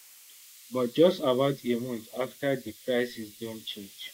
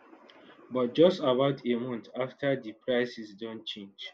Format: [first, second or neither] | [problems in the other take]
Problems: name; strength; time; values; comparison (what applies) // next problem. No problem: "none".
second | noise reduction (neural mask model Resemble Enhance denoiser)